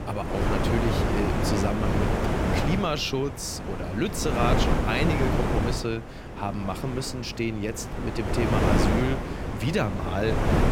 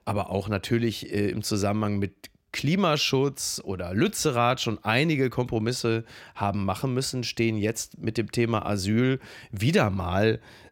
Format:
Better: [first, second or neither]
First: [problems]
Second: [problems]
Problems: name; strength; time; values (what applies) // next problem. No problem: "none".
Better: second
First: wind noise on the microphone; heavy; 1 dB above the speech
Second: none